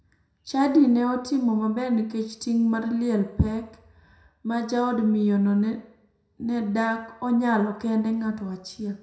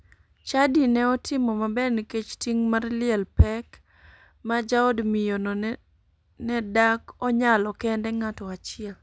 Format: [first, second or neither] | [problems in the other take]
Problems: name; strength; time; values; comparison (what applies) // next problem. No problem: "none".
second | room echo; dies away in 0.5 s